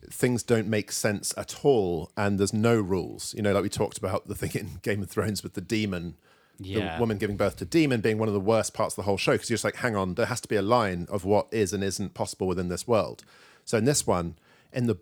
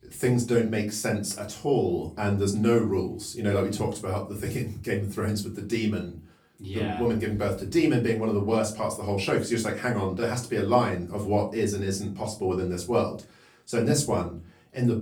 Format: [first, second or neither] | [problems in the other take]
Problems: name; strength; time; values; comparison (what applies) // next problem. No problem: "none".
first | off-mic speech; far // room echo; very slight; dies away in 0.3 s